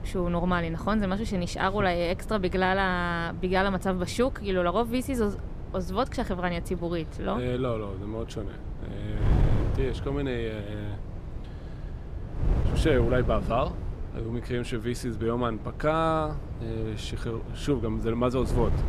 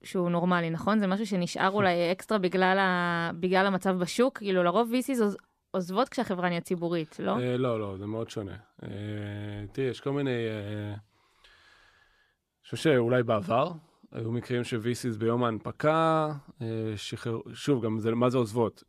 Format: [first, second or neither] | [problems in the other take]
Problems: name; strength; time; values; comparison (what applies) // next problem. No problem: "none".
second | wind noise on the microphone; occasional gusts; 15 dB below the speech